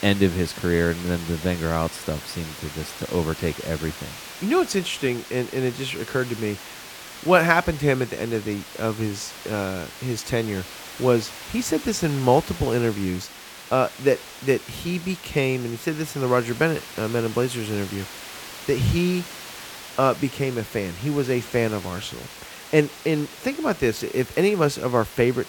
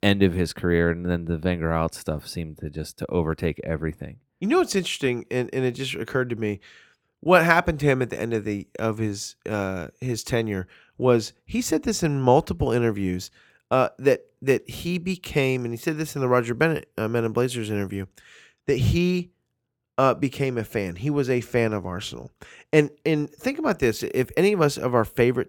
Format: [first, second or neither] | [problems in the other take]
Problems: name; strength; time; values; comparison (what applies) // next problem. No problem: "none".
second | hiss; noticeable; throughout; 15 dB below the speech